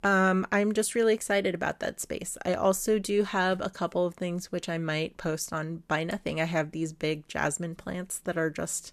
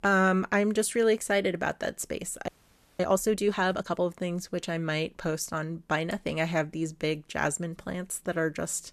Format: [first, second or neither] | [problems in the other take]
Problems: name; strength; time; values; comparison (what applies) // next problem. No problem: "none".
first | audio freezing; at 2.5 s for 0.5 s